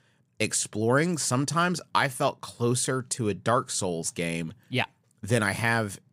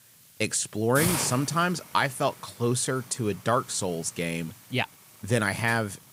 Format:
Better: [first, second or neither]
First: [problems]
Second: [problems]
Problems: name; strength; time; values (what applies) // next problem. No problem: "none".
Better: first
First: none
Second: hiss; loud; throughout; 6 dB below the speech